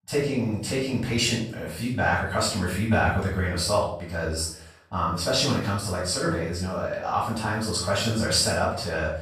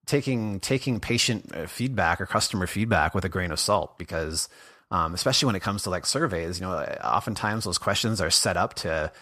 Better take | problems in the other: second | off-mic speech; far // room echo; noticeable; dies away in 0.5 s

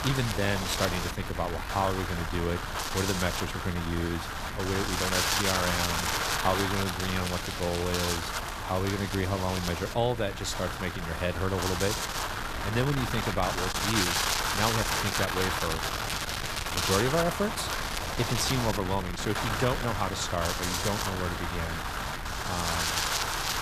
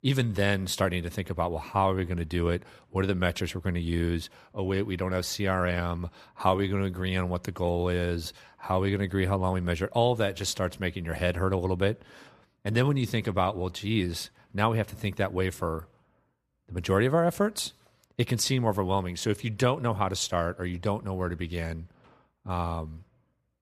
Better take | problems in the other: second | wind noise on the microphone; heavy; 3 dB above the speech

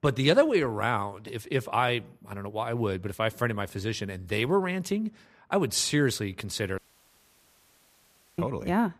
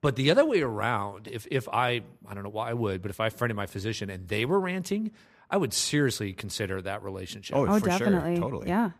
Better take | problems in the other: second | audio cutting out; at 7 s for 1.5 s

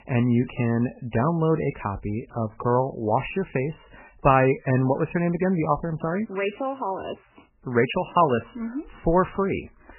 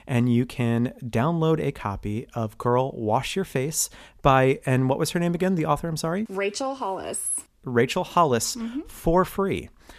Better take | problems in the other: second | garbled, watery; badly; nothing above 3 kHz

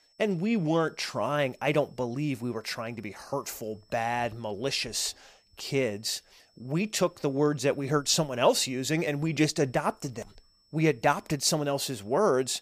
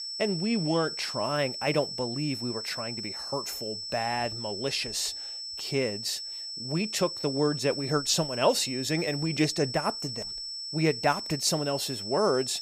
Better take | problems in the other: first | high-pitched whine; loud; throughout; 5.5 kHz, 5 dB below the speech; faint in the first

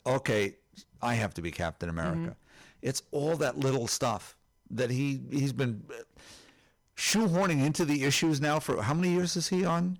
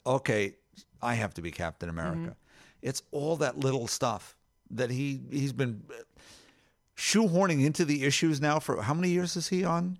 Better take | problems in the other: second | distortion; slight; 7% of the sound clipped

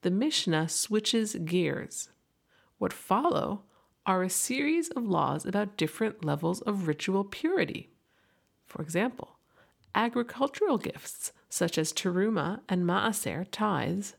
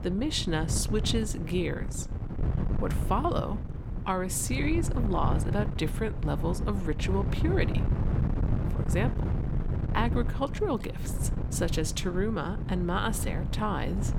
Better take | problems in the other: first | wind noise on the microphone; heavy; 9 dB below the speech

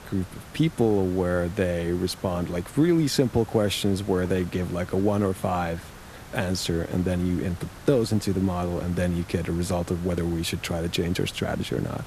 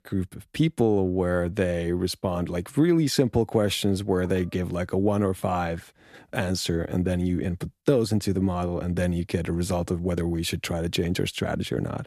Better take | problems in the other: second | hiss; noticeable; throughout; 20 dB below the speech

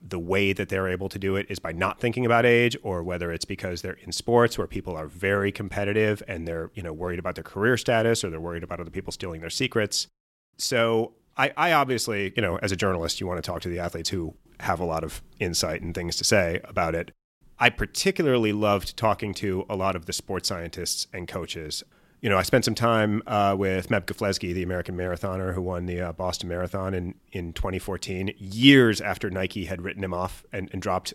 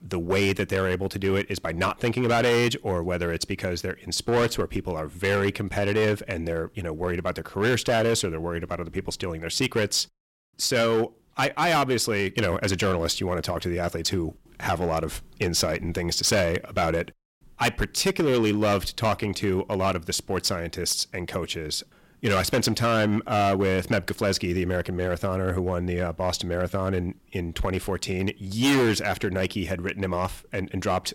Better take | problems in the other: first | distortion; heavy; 7% of the sound clipped

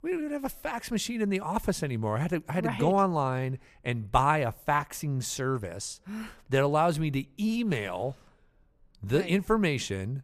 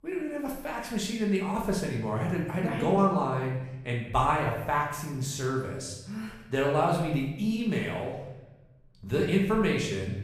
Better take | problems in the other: first | room echo; noticeable; dies away in 0.8 s // off-mic speech; far

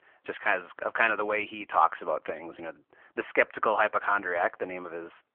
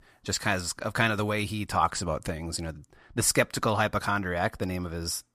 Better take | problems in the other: second | phone-call audio

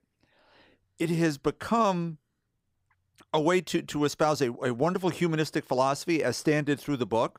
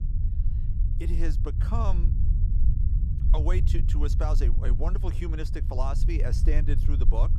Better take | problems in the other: first | low rumble; loud; throughout; 7 dB below the speech

